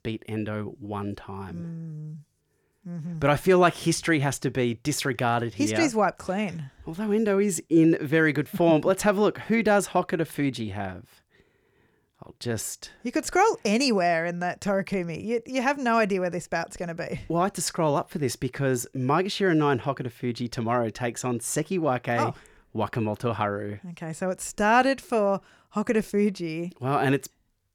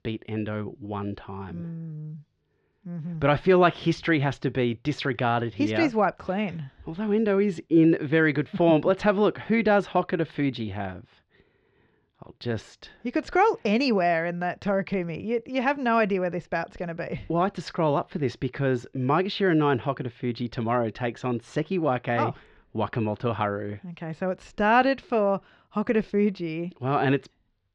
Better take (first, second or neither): first